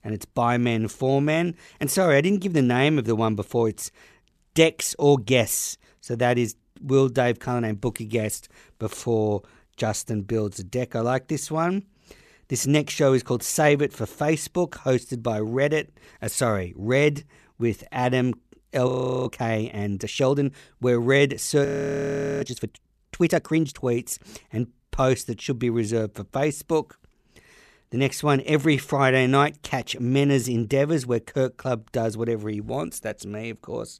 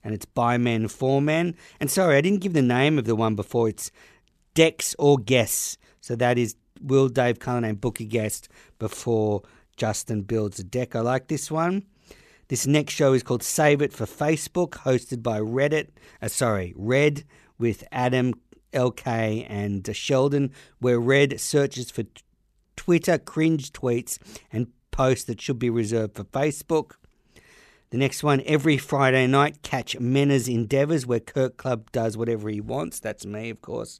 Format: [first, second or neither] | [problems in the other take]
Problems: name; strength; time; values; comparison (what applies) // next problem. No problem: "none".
second | audio freezing; at 19 s and at 22 s for 1 s